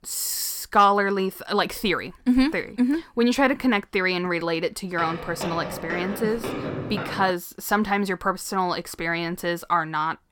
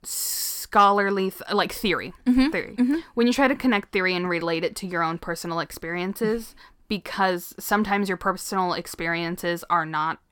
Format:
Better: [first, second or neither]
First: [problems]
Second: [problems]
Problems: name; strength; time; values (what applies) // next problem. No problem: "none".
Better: second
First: footsteps; noticeable; from 5 to 7.5 s; peak 6 dB below the speech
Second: none